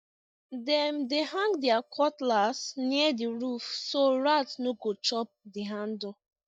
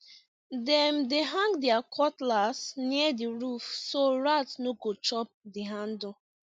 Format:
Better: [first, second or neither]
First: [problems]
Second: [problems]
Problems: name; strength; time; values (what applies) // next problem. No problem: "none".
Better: second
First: noise reduction (neural mask model DeepFilterNet 3)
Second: none